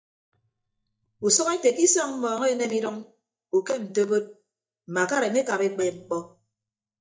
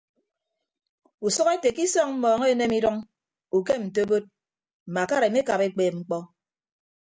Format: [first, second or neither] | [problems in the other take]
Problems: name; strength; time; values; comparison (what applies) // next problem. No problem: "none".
second | noise reduction (neural mask model DeepFilterNet 3)